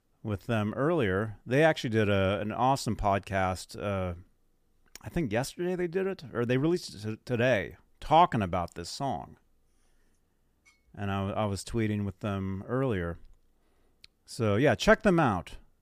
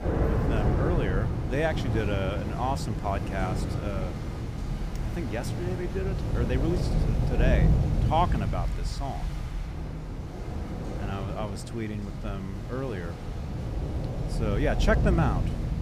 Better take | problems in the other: first | rain or running water; very loud; throughout; 2 dB above the speech

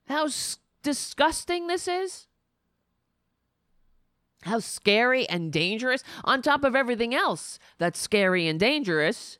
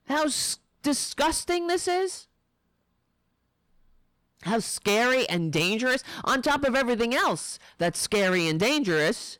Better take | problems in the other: first | distortion; heavy; 9% of the sound clipped

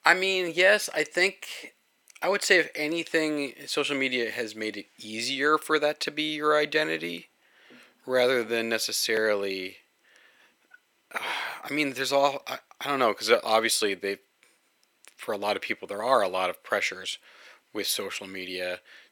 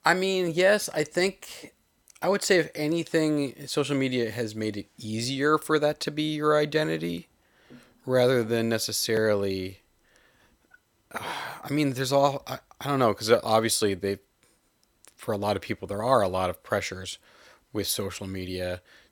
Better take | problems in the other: second | thin; very slightly; fading below 300 Hz

